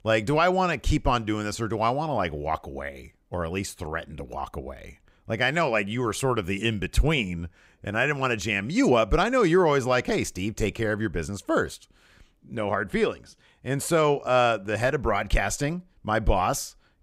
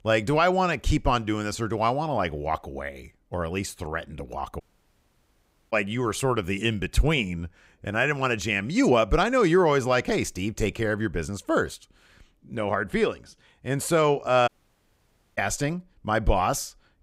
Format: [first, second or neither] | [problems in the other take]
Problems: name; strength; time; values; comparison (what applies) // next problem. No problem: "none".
first | audio cutting out; at 4.5 s for 1 s and at 14 s for 1 s